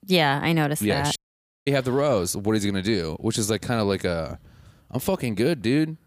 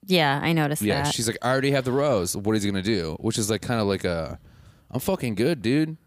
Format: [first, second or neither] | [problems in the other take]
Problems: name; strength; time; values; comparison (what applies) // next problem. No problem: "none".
second | audio cutting out; at 1 s for 0.5 s